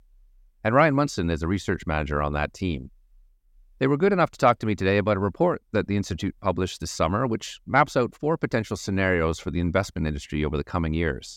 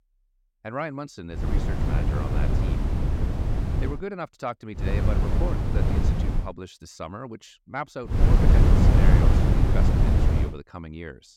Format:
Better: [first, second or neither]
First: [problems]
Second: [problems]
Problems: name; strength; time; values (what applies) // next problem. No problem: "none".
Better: first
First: none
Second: wind noise on the microphone; heavy; from 1.5 to 4 s, from 5 to 6.5 s and from 8 to 10 s; 3 dB above the speech